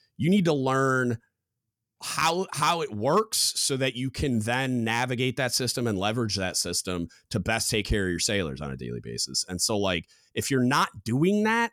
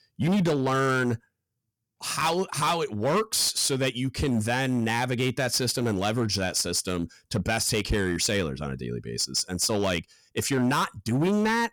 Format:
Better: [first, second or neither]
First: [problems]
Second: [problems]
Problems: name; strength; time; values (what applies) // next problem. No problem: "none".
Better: first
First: none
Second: distortion; slight; 9% of the sound clipped